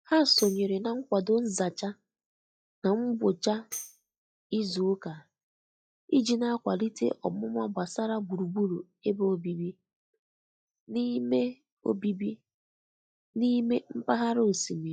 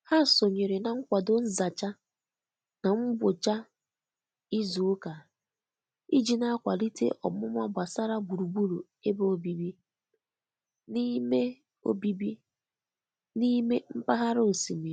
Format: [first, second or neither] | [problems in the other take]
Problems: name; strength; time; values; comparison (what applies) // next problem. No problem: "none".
second | noise reduction (classical method log-MMSE)